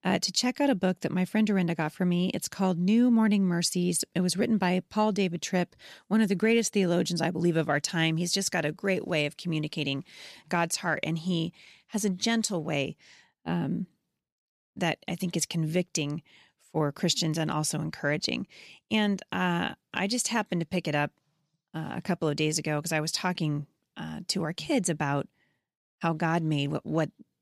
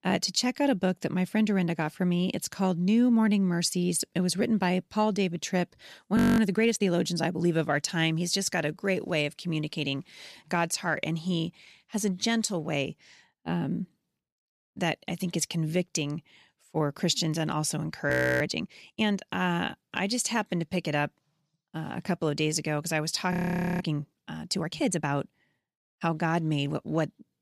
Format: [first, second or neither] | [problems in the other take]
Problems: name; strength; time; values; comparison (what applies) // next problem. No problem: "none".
first | audio freezing; at 6 s, at 18 s and at 23 s